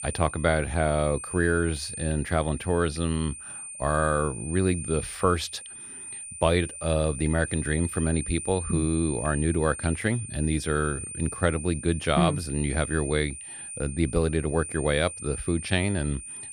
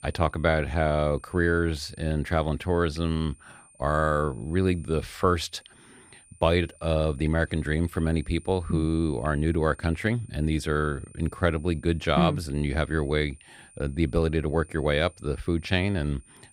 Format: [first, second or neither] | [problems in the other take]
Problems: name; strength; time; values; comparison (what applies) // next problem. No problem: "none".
second | high-pitched whine; loud; throughout; 9 kHz, 9 dB below the speech; faint in the second